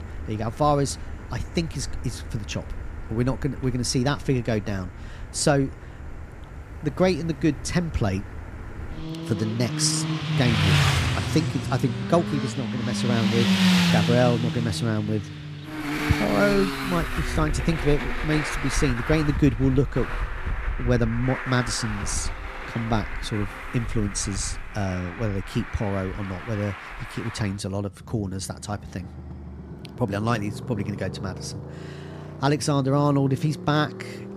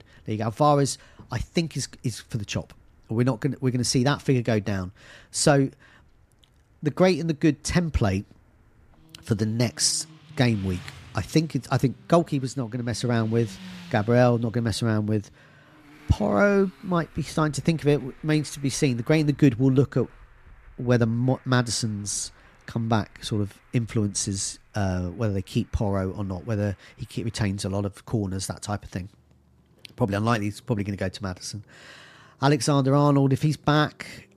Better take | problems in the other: second | traffic noise; loud; throughout; 4 dB below the speech; faint in the second

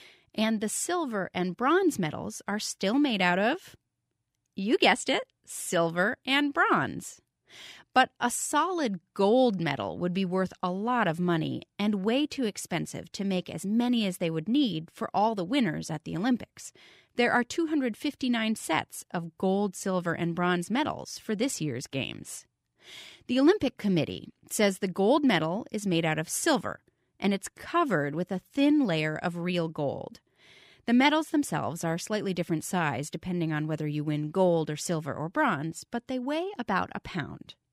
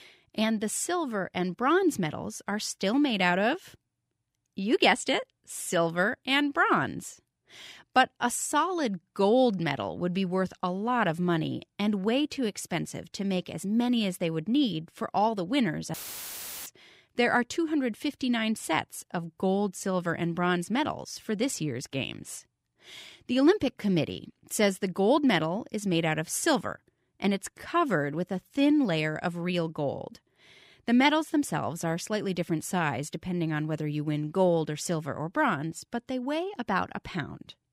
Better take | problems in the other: first | audio cutting out; filled with static; at 16 s for 0.5 s

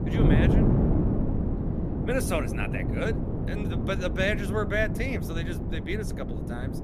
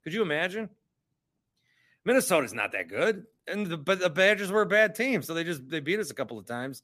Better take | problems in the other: second | wind noise on the microphone; heavy; 4 dB below the speech

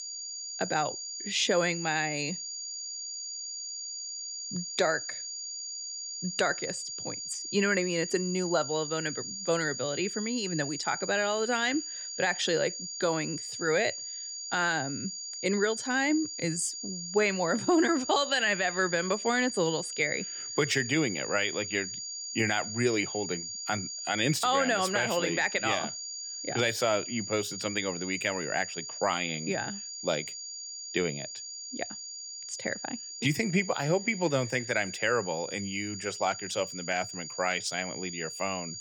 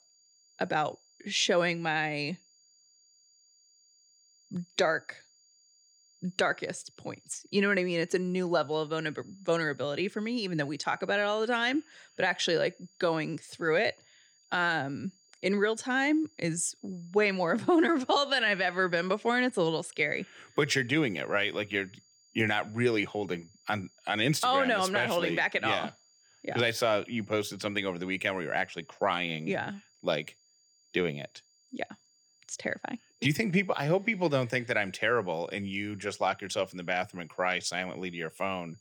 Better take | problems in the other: second | high-pitched whine; loud; throughout; 7 kHz, 6 dB below the speech; faint in the second

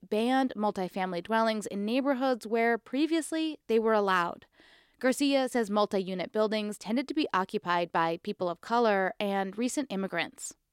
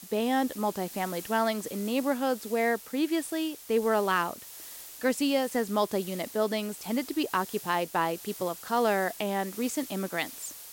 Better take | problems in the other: first | hiss; noticeable; throughout; 15 dB below the speech

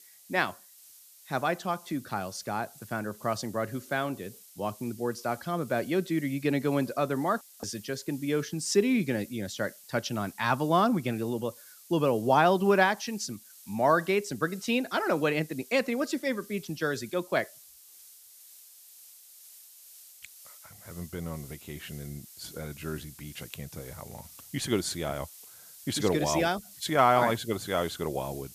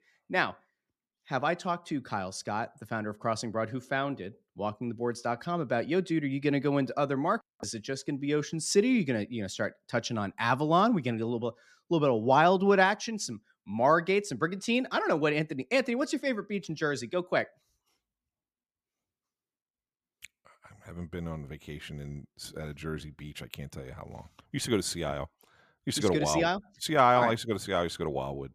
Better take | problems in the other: second | hiss; noticeable; throughout; 20 dB below the speech

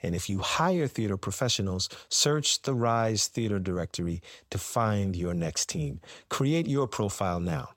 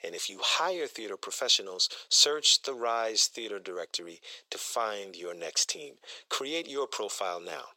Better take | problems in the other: first | thin; very; fading below 400 Hz

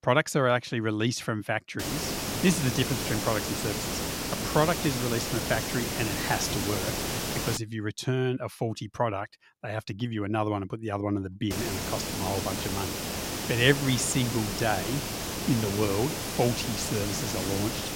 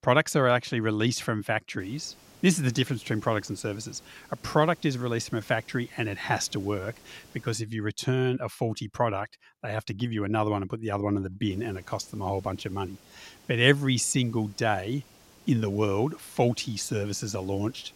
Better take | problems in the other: second | hiss; loud; from 2 to 7.5 s and from 12 s on; 2 dB below the speech; faint in the second

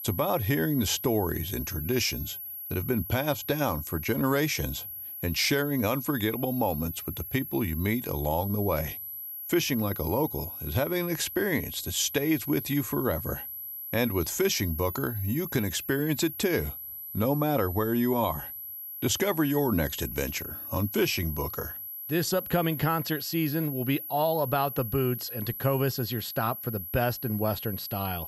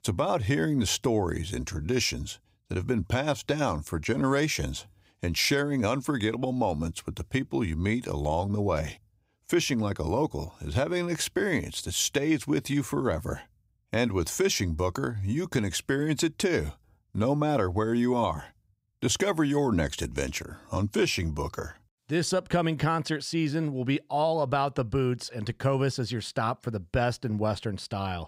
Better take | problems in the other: second | high-pitched whine; loud; throughout; 12 kHz, 7 dB below the speech

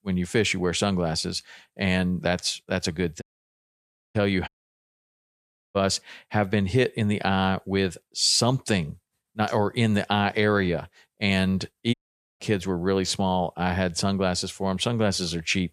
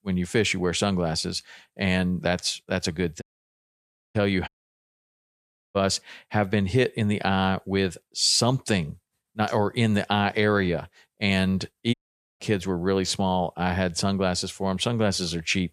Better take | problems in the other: neither | audio cutting out; at 3 s for 1 s, at 4.5 s for 1.5 s and at 12 s; the same in both

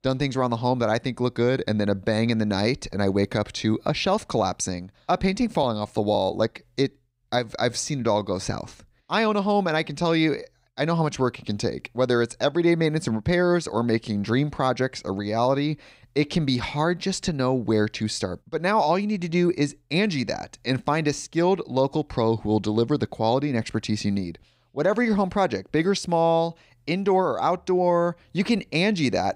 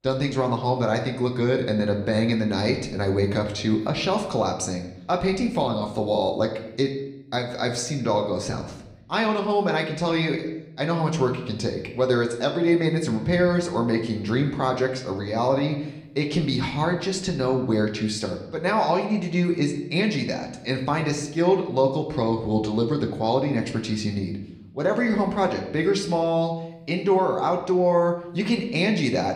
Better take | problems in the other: first | room echo; slight; dies away in 0.7 s // off-mic speech; somewhat distant

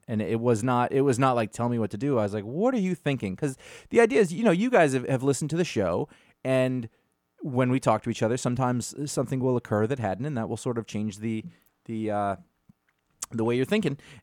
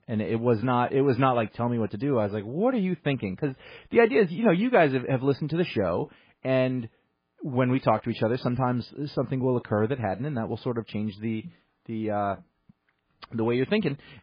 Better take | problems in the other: first | garbled, watery; badly; nothing above 5 kHz

